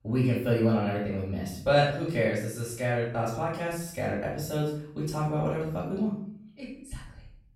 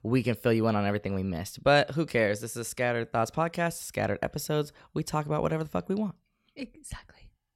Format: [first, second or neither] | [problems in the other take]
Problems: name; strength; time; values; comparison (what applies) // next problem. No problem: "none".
second | off-mic speech; far // room echo; noticeable; dies away in 0.6 s